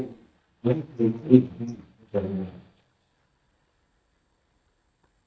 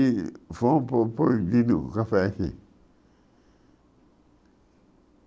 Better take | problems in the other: second | noise reduction (neural mask model DeepFilterNet 3)

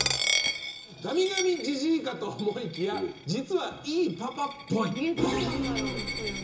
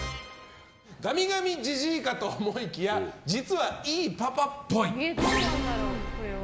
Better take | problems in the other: second | background sound (Coin (dropping)); 5 dB below the speech // room echo; dies away in 0.2 s

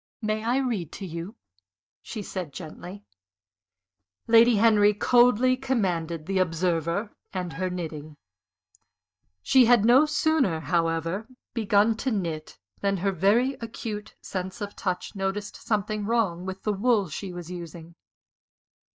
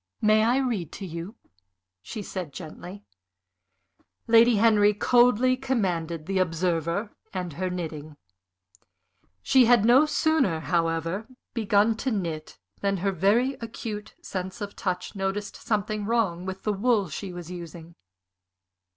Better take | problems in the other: second | noise reduction (neural mask model DeepFilterNet 3)

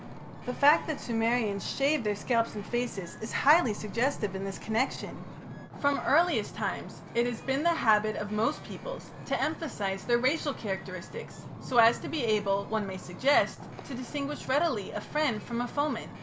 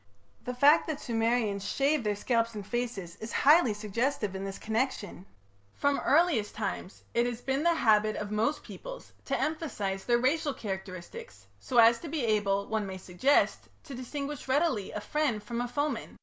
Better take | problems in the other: second | background sound (Wind / Ocean); 13 dB below the speech

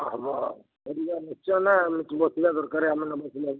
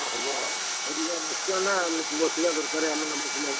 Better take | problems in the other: first | background sound (Sawing); as loud as the speech // room echo; dies away in 0.3 s

